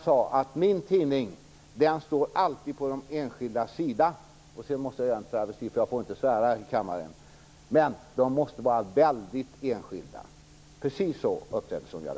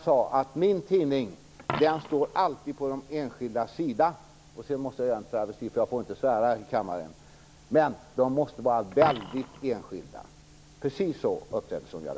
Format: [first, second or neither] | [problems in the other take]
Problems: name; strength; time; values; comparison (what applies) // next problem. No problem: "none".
first | background sound (Coin (dropping)); 16 dB below the speech